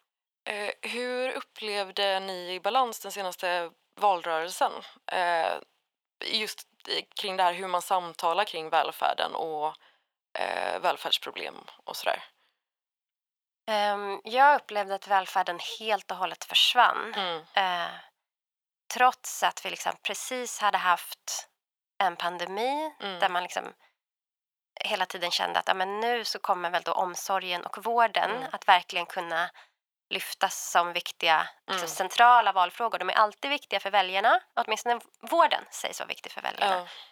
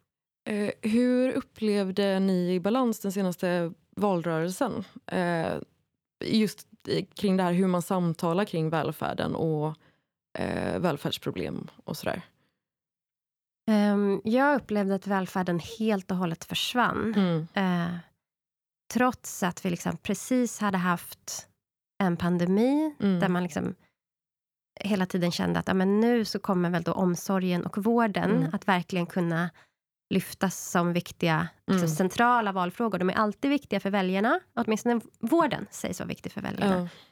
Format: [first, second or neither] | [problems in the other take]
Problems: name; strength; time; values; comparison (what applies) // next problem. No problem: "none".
second | thin; very; fading below 800 Hz